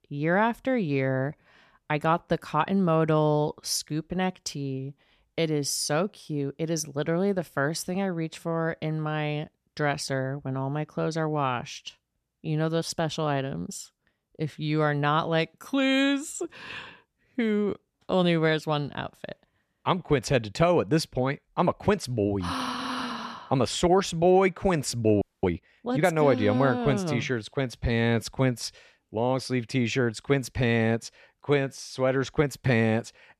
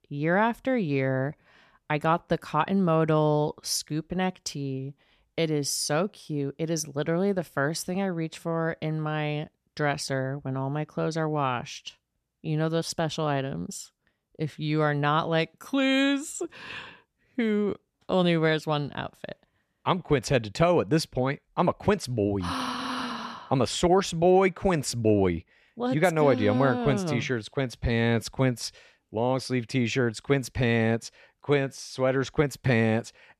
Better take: second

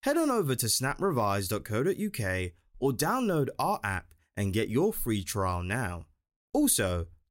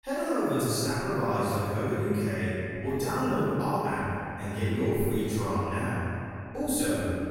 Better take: first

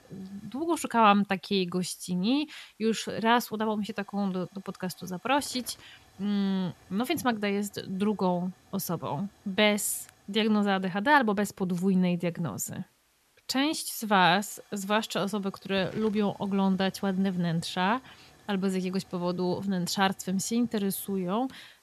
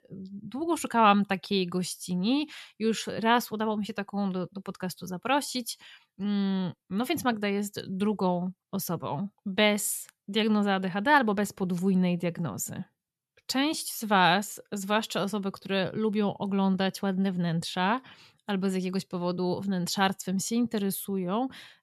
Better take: second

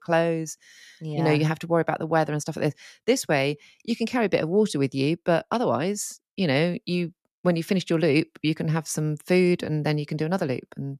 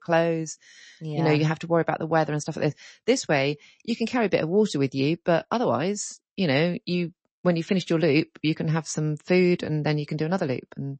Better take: first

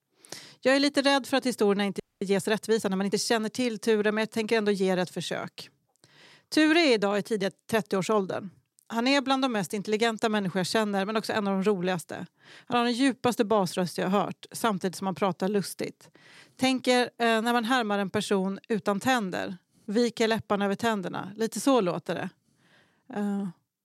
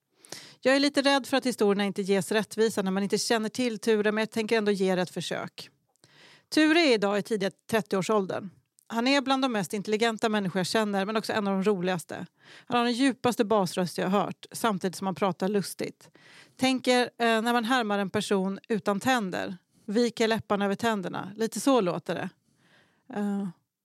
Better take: second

